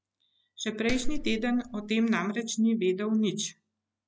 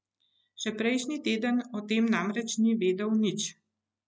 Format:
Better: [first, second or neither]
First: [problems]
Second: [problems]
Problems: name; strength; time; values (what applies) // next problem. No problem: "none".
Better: second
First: background sound (Clapping); 2 dB below the speech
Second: none